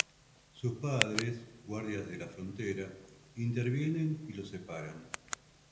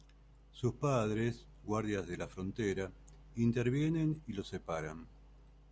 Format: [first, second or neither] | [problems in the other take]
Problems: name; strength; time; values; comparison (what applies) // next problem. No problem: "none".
second | background sound (Tick); 6 dB below the speech // room echo; dies away in 0.7 s